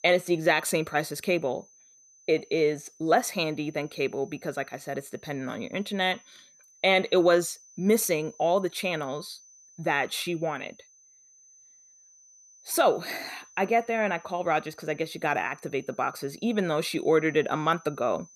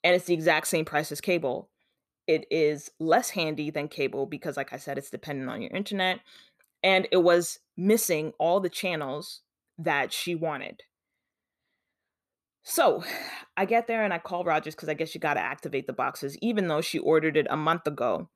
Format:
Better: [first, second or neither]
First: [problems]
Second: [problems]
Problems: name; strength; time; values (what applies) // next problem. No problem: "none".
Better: second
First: high-pitched whine; faint; throughout; 6 kHz, 25 dB below the speech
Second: none